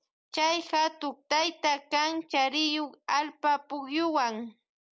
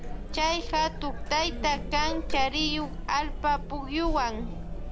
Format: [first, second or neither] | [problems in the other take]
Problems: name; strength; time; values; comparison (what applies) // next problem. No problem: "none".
first | background sound (Chatter); 3 dB below the speech